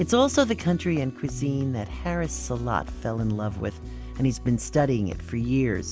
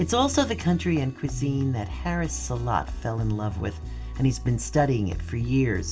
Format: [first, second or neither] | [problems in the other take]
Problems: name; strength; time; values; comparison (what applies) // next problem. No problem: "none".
first | room echo; dies away in 0.2 s